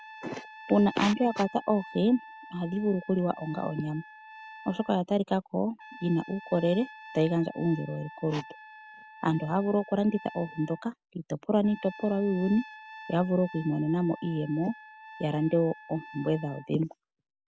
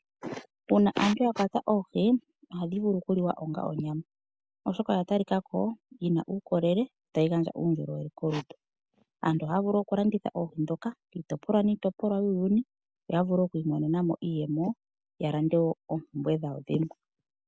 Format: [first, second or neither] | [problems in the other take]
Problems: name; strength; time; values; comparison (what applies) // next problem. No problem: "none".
second | background sound (Trumpet); 18 dB below the speech